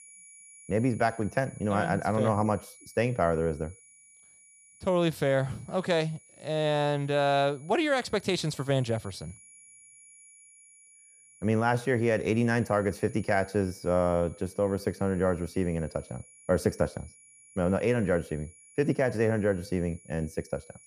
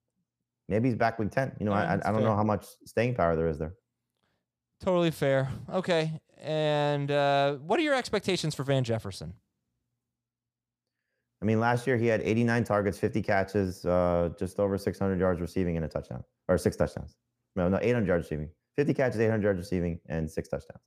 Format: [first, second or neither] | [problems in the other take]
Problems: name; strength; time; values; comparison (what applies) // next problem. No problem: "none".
second | high-pitched whine; faint; throughout; 10.5 kHz, 25 dB below the speech